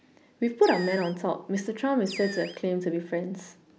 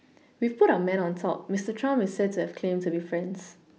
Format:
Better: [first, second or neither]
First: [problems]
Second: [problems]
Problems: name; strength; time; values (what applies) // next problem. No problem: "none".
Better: second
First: background sound (Animal); 15 dB below the speech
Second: none